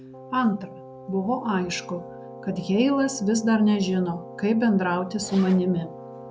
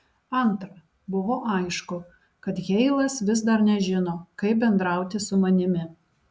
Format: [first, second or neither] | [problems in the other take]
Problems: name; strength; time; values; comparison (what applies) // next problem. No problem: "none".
second | background sound (Keyboard (musical) + Zipper (clothing)); 15 dB below the speech